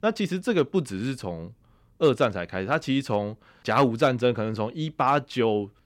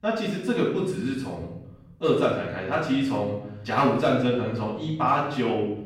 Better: first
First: none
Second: room echo; noticeable; dies away in 0.7 s // off-mic speech; far

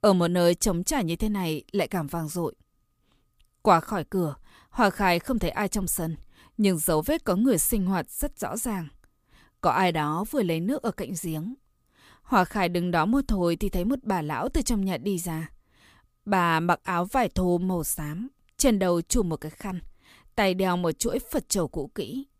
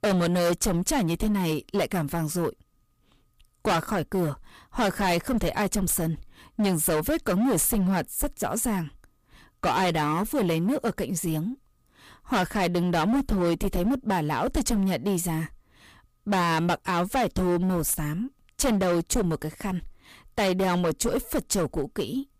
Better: first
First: none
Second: distortion; heavy; 16% of the sound clipped

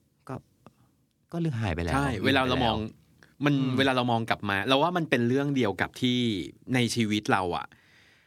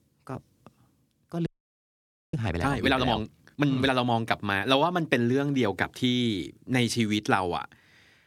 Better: first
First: none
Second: audio freezing; at 1.5 s for 1 s

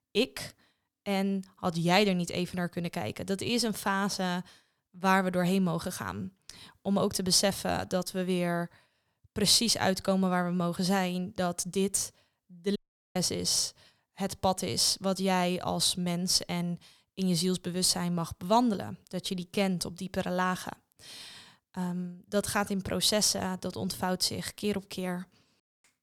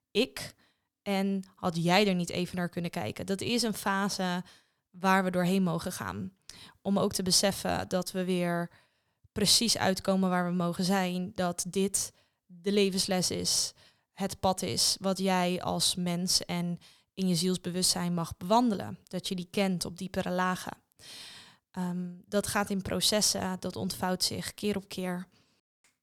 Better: second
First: audio cutting out; at 13 s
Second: none

